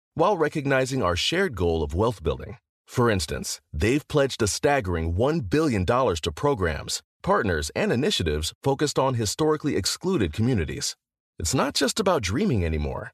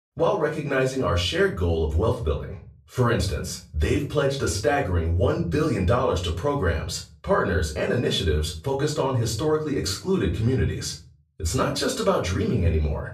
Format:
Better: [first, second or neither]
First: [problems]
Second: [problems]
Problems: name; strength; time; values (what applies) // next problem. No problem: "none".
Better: first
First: none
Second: off-mic speech; far // room echo; slight; dies away in 0.4 s